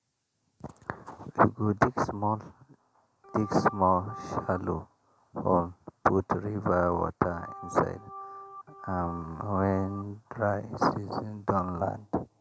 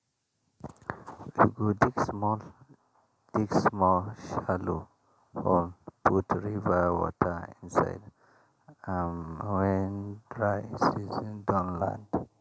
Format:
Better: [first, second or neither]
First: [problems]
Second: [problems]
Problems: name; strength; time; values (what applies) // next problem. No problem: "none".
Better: second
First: background sound (Organ); 14 dB below the speech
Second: none